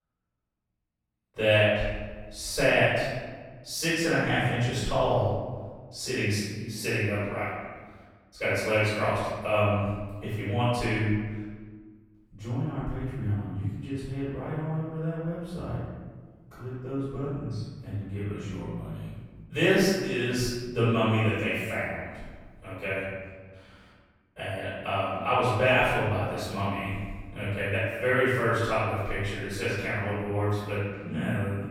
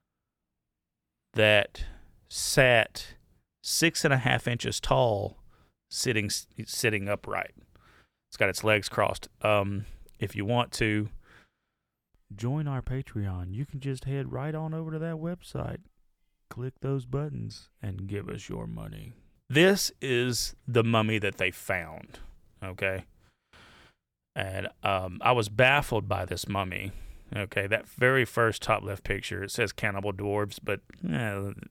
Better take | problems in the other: second | off-mic speech; far // room echo; strong; dies away in 1.4 s

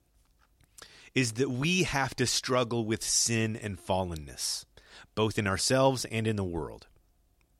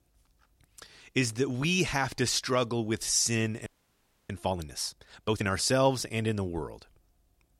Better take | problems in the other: first | audio freezing; at 3.5 s for 0.5 s

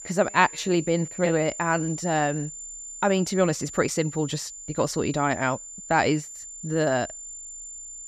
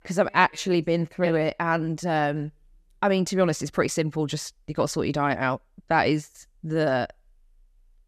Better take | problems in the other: second | high-pitched whine; noticeable; throughout; 7 kHz, 10 dB below the speech

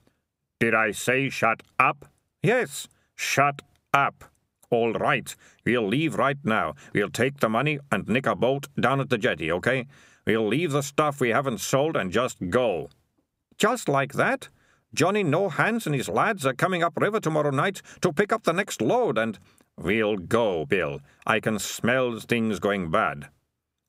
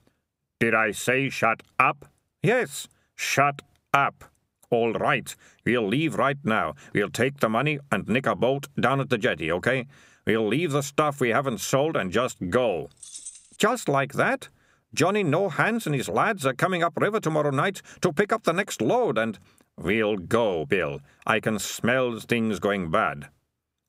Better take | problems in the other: first | jangling keys; faint; at 13 s; peak 15 dB below the speech

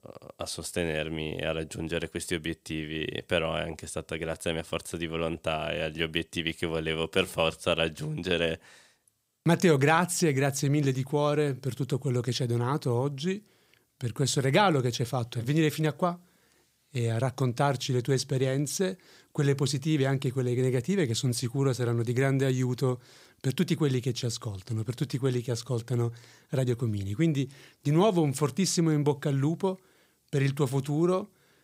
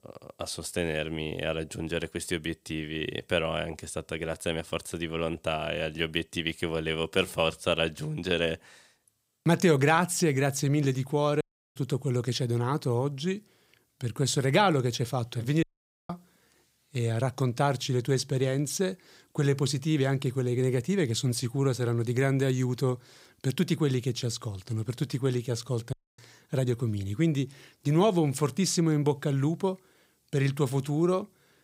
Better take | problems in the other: first | audio cutting out; at 11 s, at 16 s and at 26 s

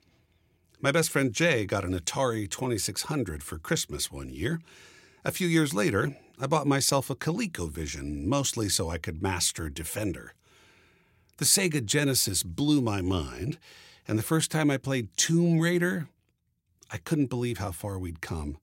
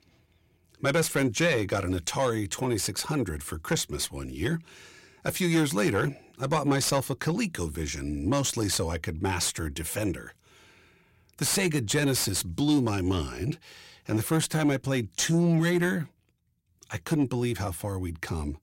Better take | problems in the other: first | distortion; slight; 10 dB below the speech

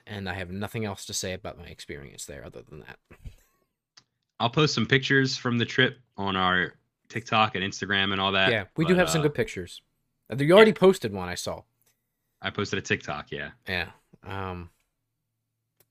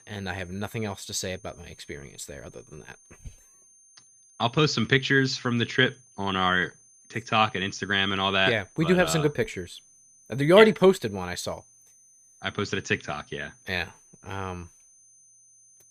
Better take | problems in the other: first | high-pitched whine; faint; throughout; 6 kHz, 30 dB below the speech

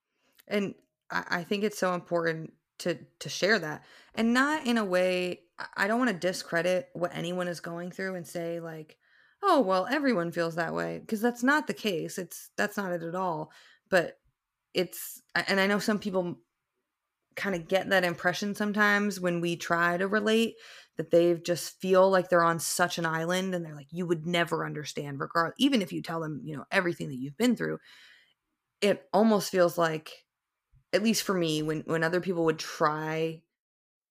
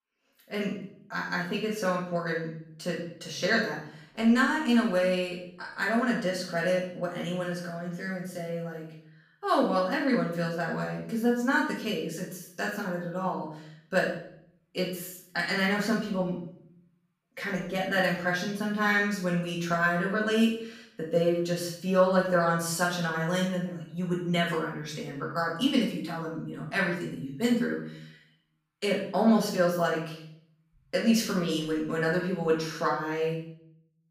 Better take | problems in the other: first | room echo; noticeable; dies away in 0.6 s // off-mic speech; far

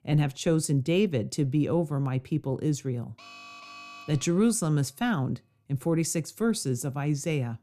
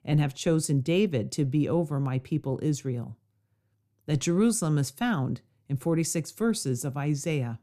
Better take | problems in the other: second | alarm; faint; from 3 to 4.5 s; peak 15 dB below the speech

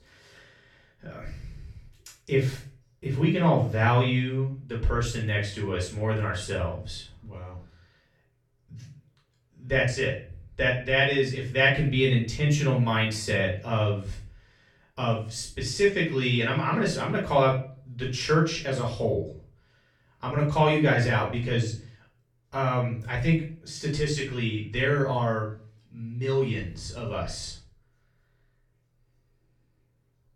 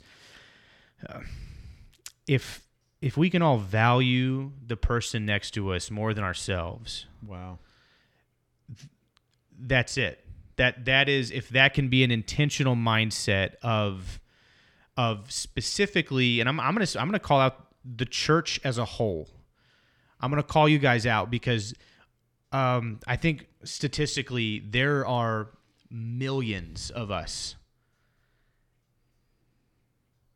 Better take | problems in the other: second | off-mic speech; far // room echo; slight; dies away in 0.4 s

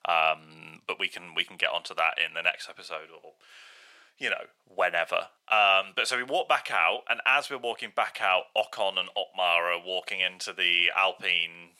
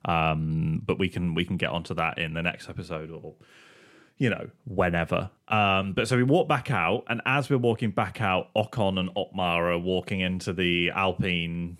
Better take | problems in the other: second | thin; very; fading below 900 Hz

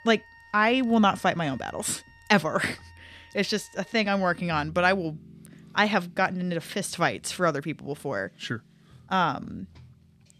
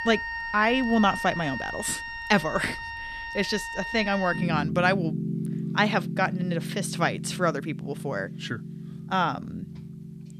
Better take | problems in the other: first | background music; loud; throughout; 6 dB below the speech; faint in the first

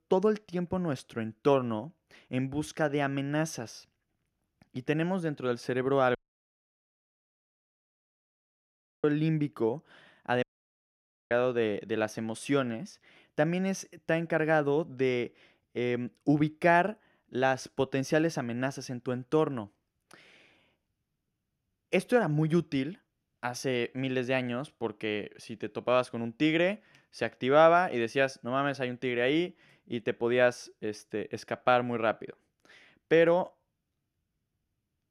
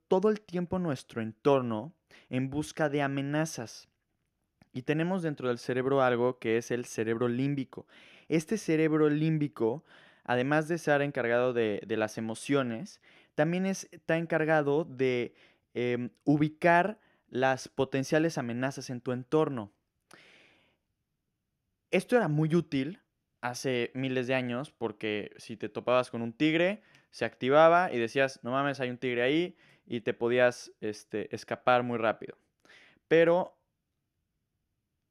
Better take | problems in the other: second | audio cutting out; at 6 s for 3 s and at 10 s for 1 s

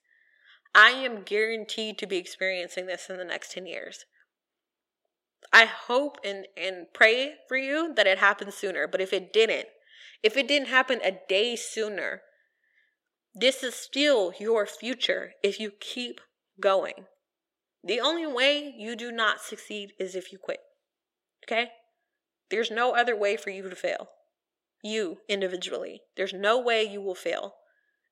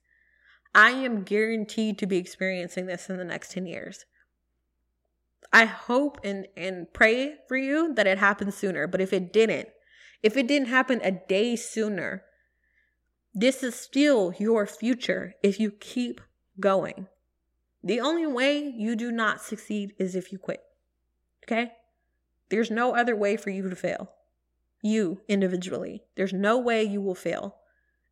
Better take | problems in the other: second | thin; somewhat; fading below 450 Hz

